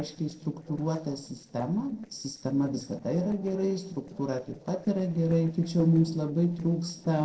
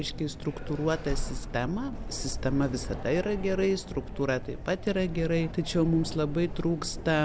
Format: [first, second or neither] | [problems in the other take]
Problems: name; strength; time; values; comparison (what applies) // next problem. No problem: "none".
second | noise reduction (neural separator model SepFormer DNS4)